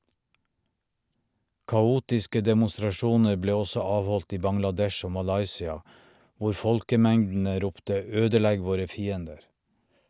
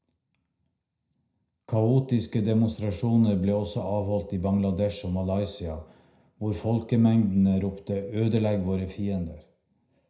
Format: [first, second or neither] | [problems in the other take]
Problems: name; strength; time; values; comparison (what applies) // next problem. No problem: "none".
first | room echo; dies away in 0.5 s